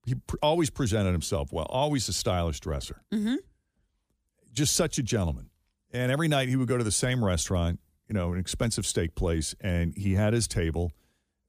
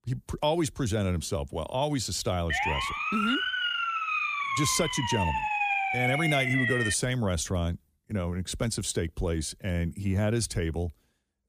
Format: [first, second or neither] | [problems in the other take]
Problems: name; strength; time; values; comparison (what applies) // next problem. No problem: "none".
first | siren; loud; from 2.5 to 7 s; peak 4 dB above the speech